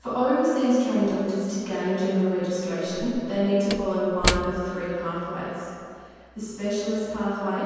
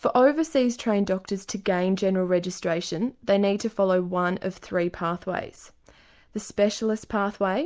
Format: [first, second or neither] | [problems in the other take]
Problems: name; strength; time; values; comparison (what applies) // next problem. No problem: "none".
second | background sound (Slam / Wood); 11 dB below the speech // room echo; dies away in 2.1 s